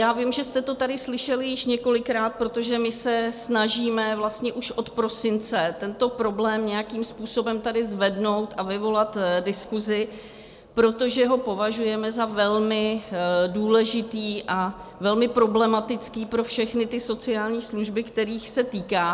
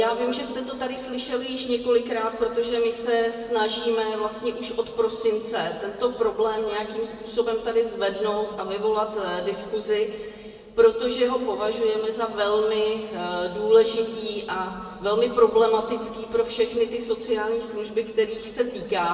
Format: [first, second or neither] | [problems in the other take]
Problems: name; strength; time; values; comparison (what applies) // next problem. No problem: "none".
first | room echo; dies away in 2 s